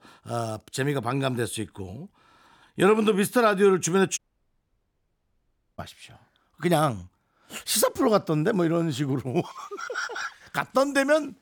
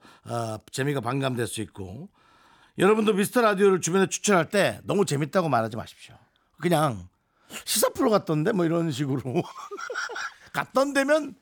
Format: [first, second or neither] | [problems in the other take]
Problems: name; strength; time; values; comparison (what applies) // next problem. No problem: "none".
second | audio cutting out; at 4 s for 1.5 s